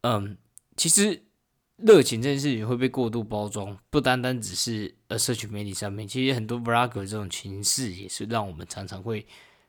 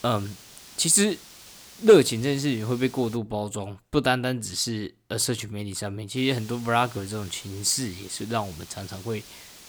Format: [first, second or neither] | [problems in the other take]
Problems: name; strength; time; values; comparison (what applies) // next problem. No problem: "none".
first | hiss; noticeable; until 3 s and from 6 s on; 20 dB below the speech